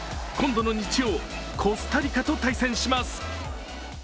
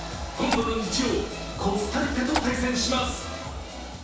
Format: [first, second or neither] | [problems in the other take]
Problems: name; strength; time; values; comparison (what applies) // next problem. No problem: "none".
first | background sound (Raindrop / Splash, splatter); 9 dB below the speech // room echo; dies away in 0.7 s